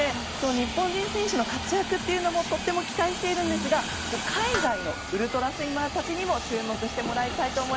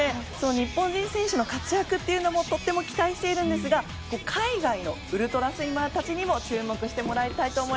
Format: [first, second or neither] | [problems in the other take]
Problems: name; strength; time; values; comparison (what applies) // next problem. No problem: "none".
second | background sound (Dishes, pots, and pans + Hiss); 6 dB below the speech